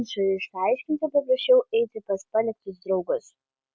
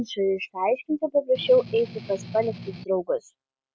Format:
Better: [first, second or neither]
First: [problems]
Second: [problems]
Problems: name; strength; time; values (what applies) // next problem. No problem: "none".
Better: first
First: none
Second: background sound (Strum); 14 dB below the speech